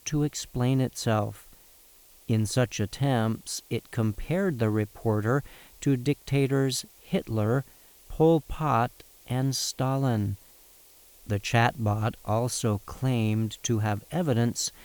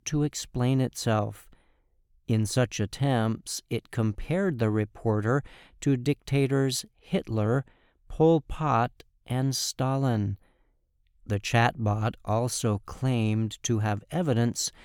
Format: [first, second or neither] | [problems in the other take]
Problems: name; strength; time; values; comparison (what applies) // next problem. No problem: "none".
second | hiss; faint; throughout; 25 dB below the speech